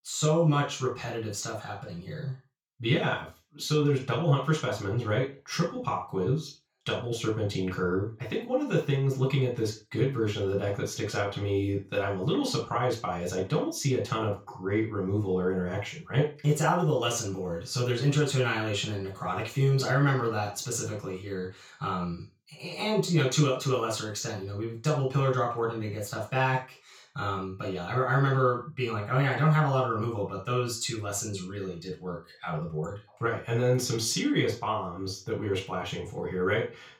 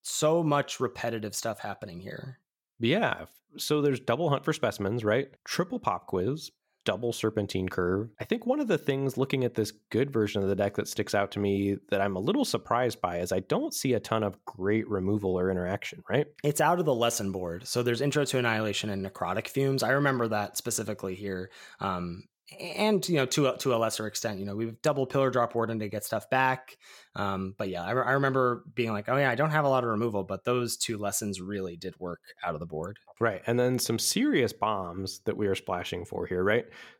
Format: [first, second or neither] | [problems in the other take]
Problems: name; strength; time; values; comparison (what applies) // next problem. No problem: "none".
second | room echo; noticeable; dies away in 0.3 s // off-mic speech; far